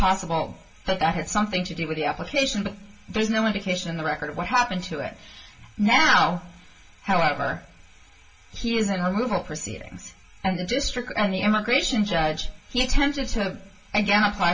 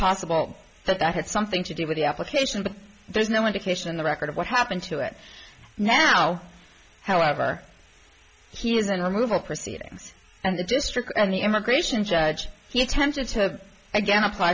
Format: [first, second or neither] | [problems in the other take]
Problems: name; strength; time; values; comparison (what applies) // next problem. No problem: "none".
second | room echo; dies away in 0.2 s